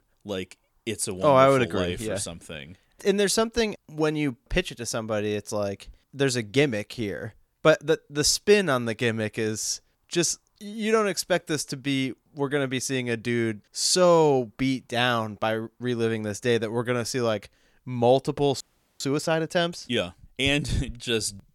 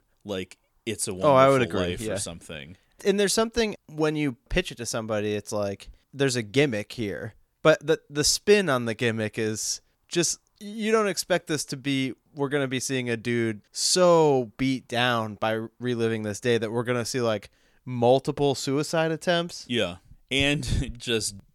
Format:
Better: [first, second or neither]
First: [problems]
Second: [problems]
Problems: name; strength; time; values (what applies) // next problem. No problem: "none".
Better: second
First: audio freezing; at 19 s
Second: none